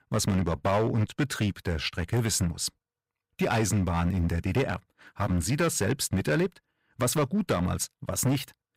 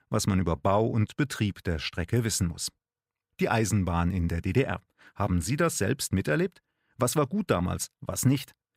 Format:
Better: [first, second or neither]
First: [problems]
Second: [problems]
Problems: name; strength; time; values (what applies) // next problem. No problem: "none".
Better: second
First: distortion; slight; 8% of the sound clipped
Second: none